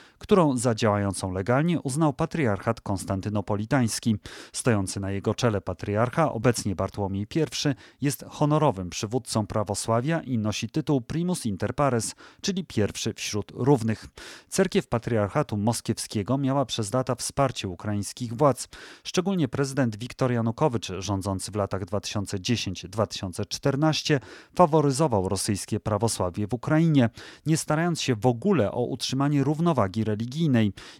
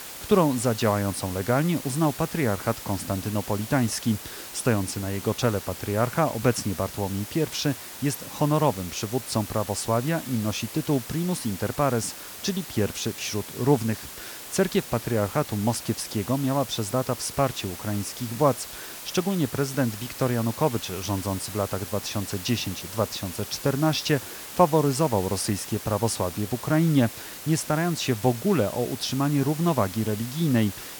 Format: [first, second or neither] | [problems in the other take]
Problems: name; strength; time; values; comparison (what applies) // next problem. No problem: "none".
first | hiss; noticeable; throughout; 10 dB below the speech